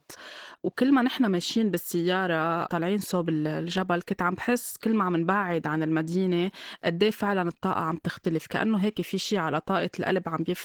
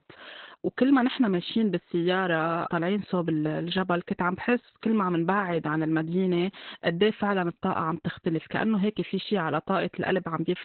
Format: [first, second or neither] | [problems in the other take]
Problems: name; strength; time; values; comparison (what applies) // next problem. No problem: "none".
first | garbled, watery; badly; nothing above 4 kHz; slightly in the first